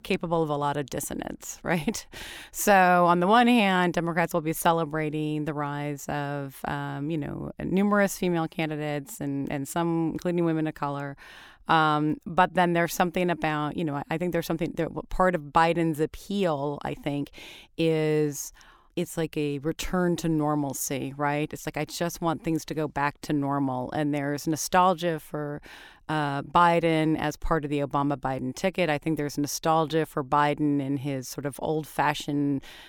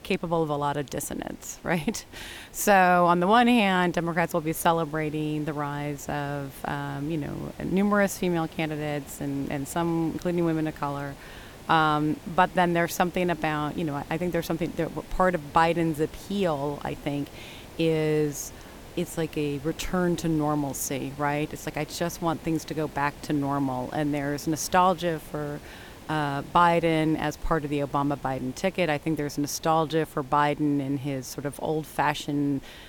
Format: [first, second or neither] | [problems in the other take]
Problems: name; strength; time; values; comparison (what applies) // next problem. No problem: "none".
first | hiss; noticeable; throughout; 20 dB below the speech